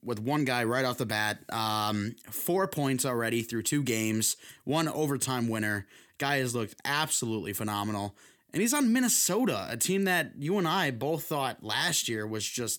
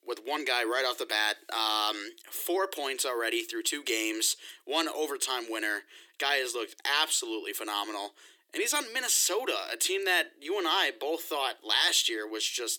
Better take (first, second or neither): first